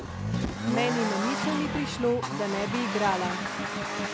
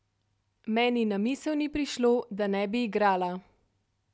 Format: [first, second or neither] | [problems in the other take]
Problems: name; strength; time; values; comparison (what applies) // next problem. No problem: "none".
second | background sound (Accelerating, revving, vroom); as loud as the speech